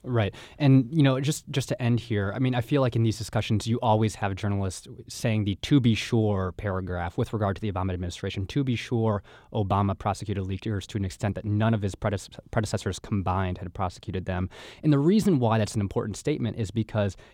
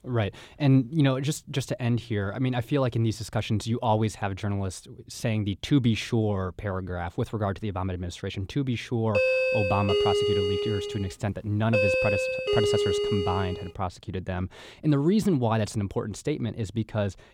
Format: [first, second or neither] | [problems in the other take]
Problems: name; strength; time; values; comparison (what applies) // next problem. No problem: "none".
first | doorbell; loud; from 9 to 14 s; peak 5 dB above the speech